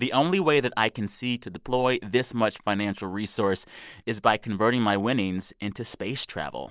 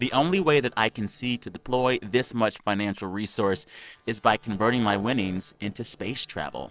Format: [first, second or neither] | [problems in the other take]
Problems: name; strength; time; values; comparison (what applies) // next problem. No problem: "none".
first | noise reduction (neural separator model SepFormer DNS4)